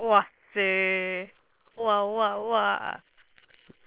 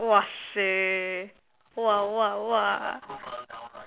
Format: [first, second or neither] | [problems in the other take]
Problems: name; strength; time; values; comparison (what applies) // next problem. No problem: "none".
second | noise reduction (neural separator model SepFormer WHAM!)